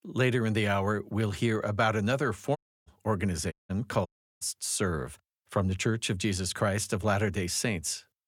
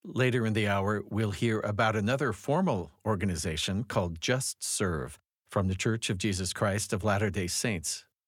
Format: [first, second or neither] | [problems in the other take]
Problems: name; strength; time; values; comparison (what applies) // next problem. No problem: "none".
second | audio cutting out; at 2.5 s, at 3.5 s and at 4 s